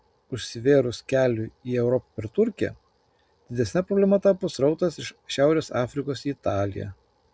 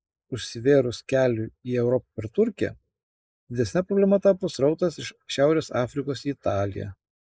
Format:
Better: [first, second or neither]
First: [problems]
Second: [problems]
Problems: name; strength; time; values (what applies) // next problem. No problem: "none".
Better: first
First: none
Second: noise reduction (neural mask model Resemble Enhance denoiser)